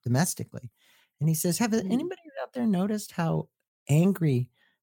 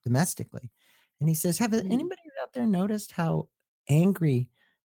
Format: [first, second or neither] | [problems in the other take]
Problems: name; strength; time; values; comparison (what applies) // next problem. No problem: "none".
first | garbled, watery; slightly; nothing above 17.5 kHz